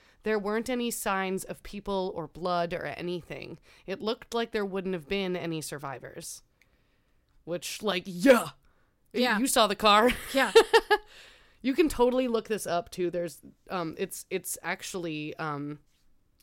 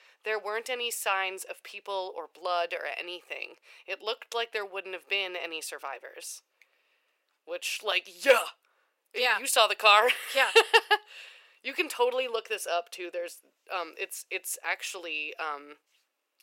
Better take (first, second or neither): first